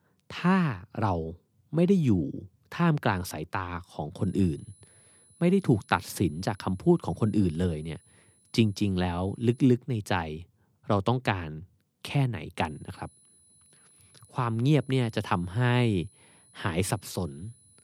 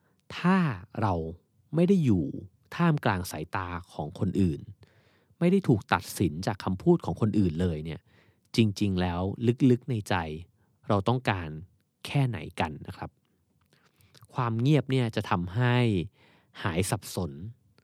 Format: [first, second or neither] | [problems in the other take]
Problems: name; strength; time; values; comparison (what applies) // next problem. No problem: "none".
second | high-pitched whine; faint; from 4 to 9.5 s and from 13 s on; 10 kHz, 30 dB below the speech